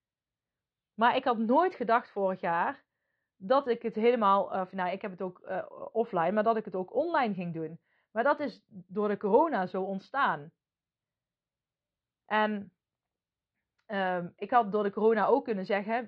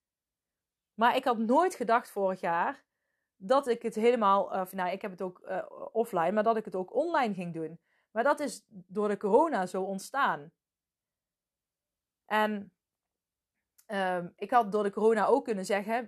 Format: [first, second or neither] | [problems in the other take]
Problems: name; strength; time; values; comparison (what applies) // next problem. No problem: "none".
second | muffled; very slightly; fading above 4 kHz